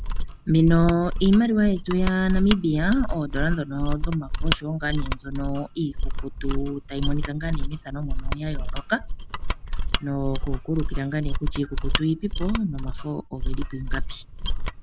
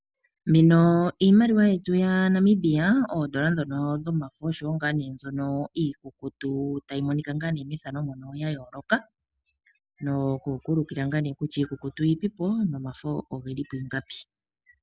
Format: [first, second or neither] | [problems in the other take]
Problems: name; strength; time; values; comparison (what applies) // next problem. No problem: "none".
second | background sound (Mechanisms); as loud as the speech